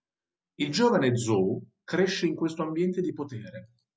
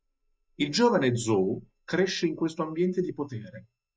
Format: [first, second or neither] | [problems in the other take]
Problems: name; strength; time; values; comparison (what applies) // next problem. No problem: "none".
first | noise reduction (neural mask model DeepFilterNet 3)